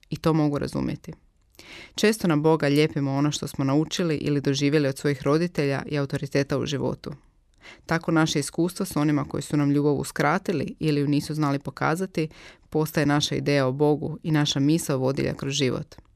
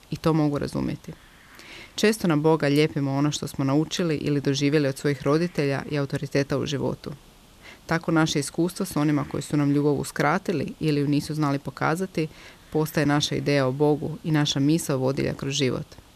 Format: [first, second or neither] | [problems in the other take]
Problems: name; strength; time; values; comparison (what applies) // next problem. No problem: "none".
first | hiss; faint; throughout; 25 dB below the speech